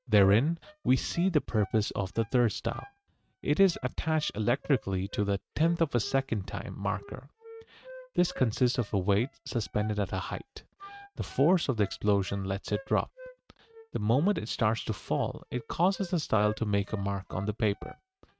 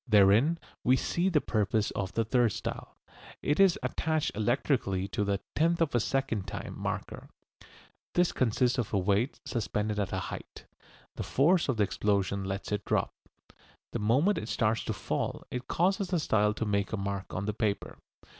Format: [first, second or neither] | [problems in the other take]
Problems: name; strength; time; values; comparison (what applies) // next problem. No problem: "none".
second | noise reduction (neural mask model RNNoise)